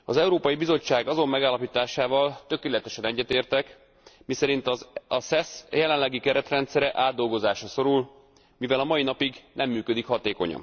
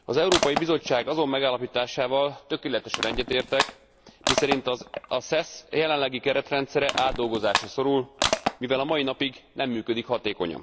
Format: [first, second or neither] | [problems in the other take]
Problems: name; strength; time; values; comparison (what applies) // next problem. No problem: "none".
first | background sound (Crushing); 6 dB below the speech